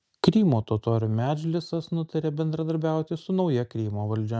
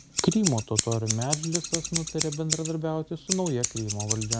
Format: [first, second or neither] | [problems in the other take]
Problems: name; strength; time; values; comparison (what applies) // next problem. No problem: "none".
first | background sound (Scissors); 3 dB below the speech